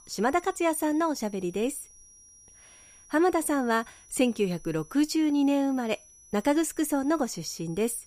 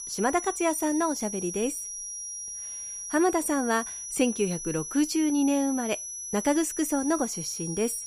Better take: first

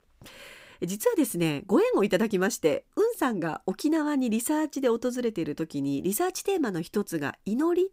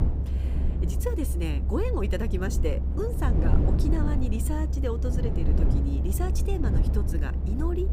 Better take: first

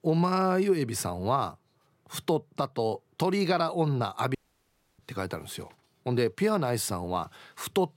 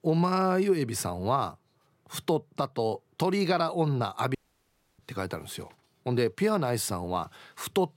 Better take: neither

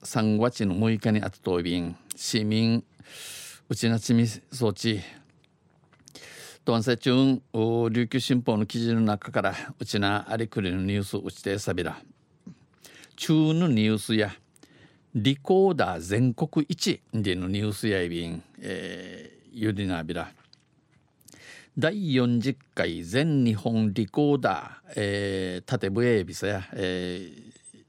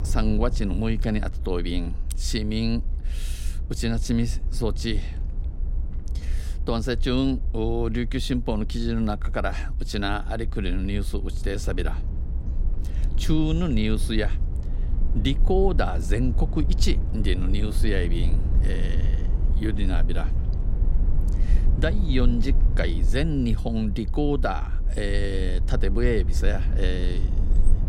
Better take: first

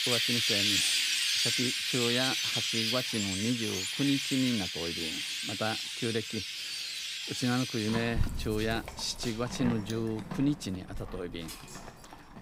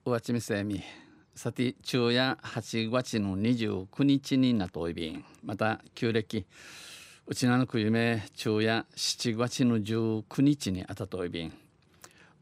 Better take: second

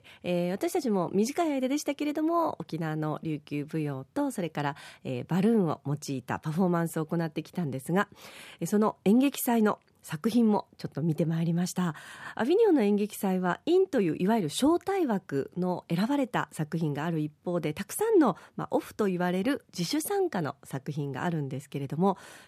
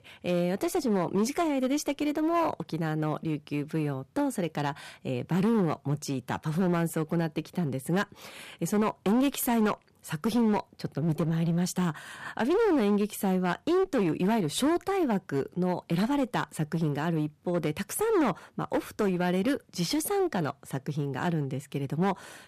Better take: first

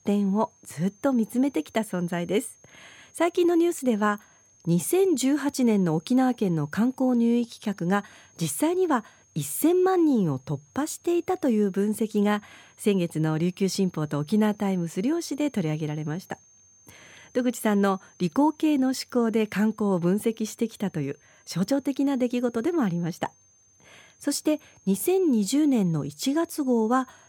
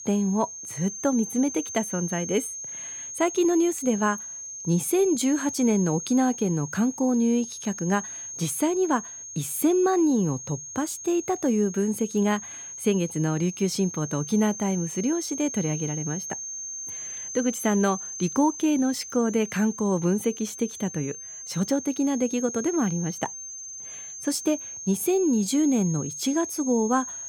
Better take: first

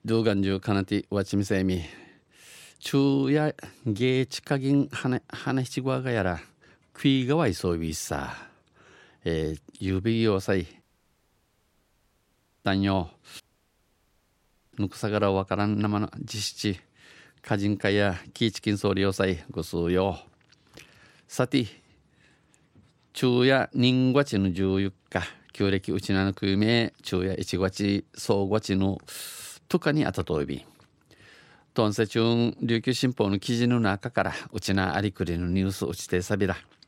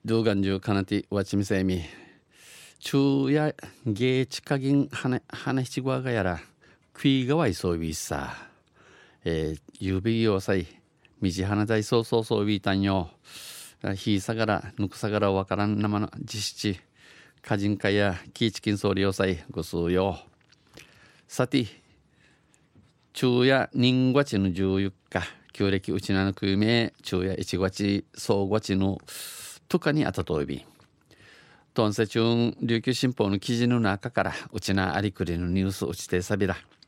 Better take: second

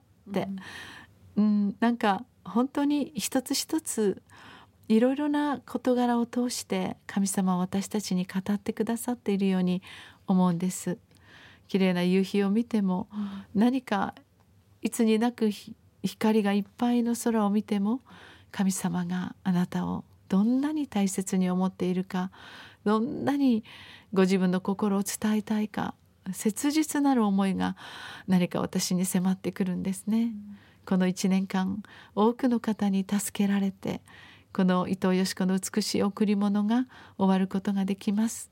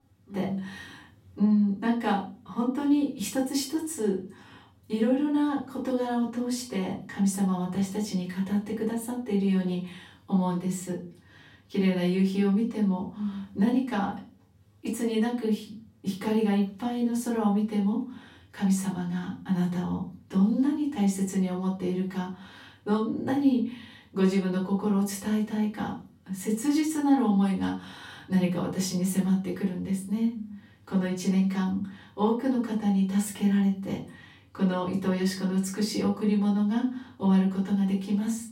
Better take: first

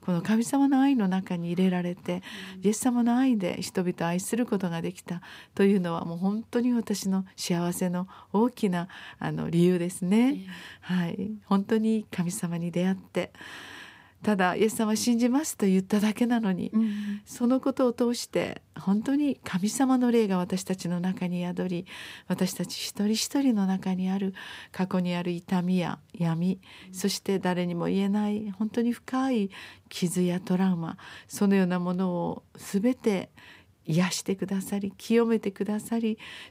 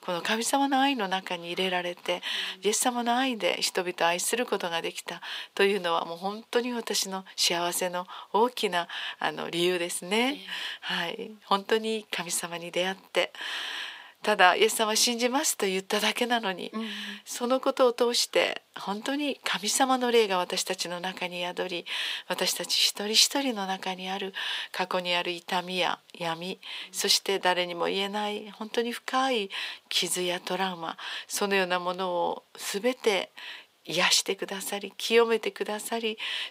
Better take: first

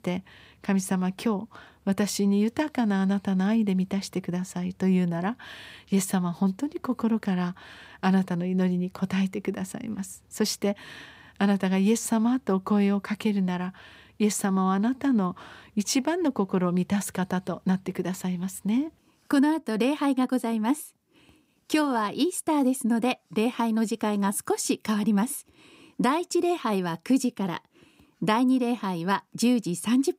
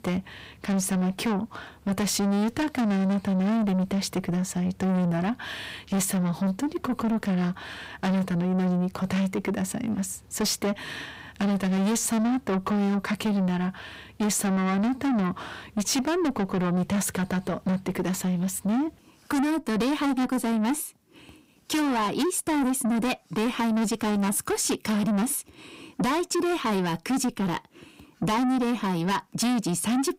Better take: first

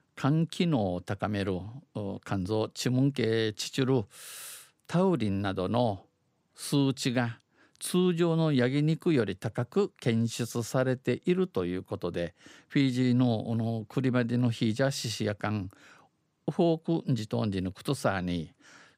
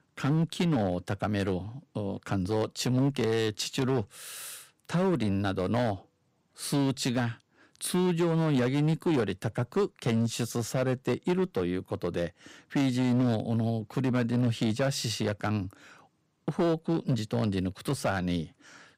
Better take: first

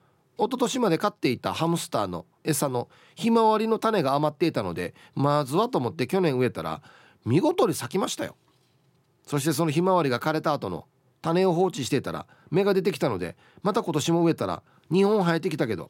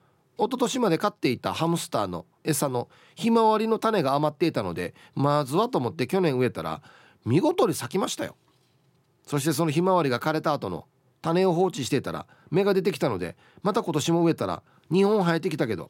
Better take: neither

